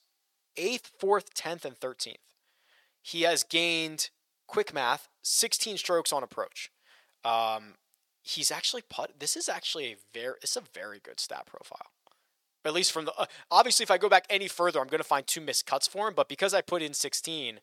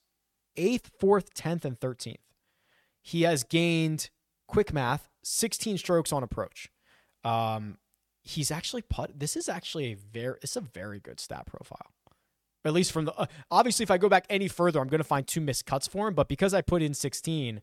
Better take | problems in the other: second | thin; very; fading below 500 Hz

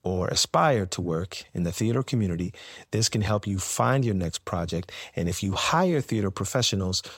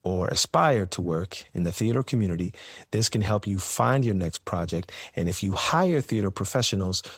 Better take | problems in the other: first | garbled, watery; slightly; nothing above 16 kHz

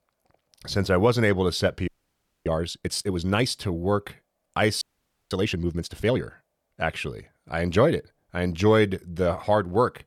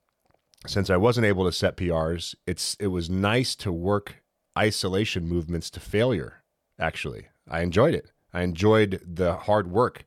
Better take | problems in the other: second | audio freezing; at 2 s for 0.5 s and at 5 s for 0.5 s

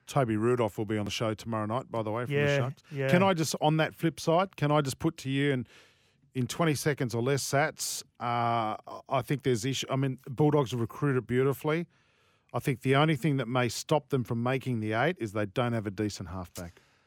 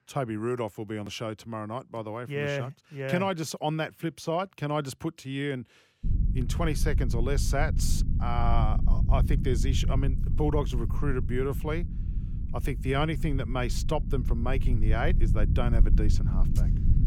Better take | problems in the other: first | low rumble; noticeable; from 6 s on; 10 dB below the speech

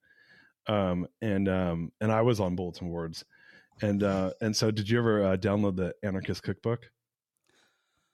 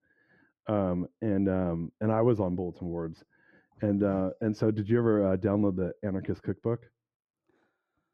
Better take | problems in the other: first | muffled; very; fading above 2.5 kHz

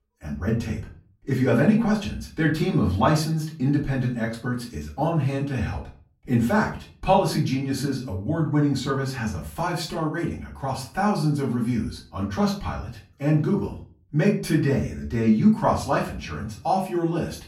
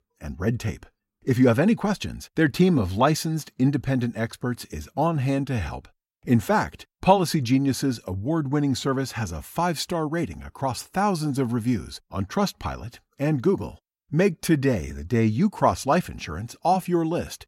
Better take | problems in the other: second | off-mic speech; far // room echo; slight; dies away in 0.3 s

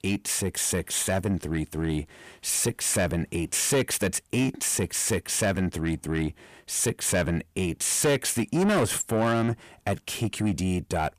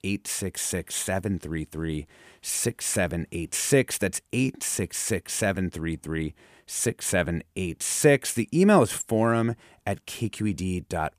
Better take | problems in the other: second | distortion; heavy; 7 dB below the speech

